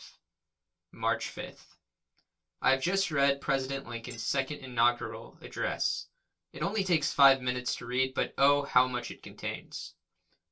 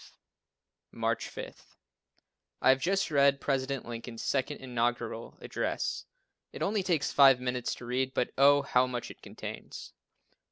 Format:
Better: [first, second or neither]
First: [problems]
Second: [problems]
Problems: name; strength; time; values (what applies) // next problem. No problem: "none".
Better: second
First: noise reduction (neural separator model SepFormer DNS4)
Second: none